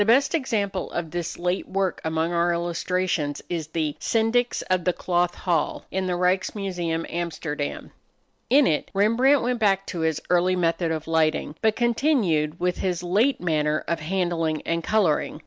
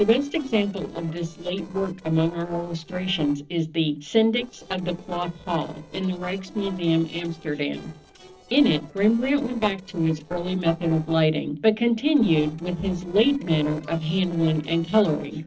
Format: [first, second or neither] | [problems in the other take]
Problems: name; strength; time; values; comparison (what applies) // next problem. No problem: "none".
first | noise reduction (neural separator model SepFormer DNS4)